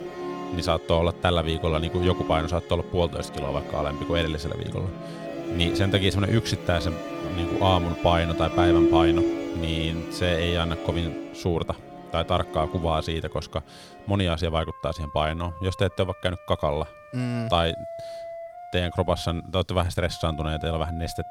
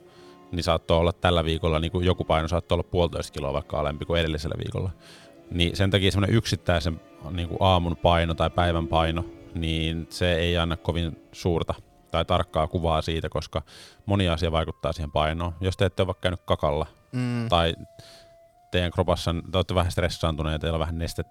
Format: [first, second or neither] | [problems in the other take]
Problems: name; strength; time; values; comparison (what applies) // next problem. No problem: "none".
second | background music; loud; throughout; 5 dB below the speech; faint in the second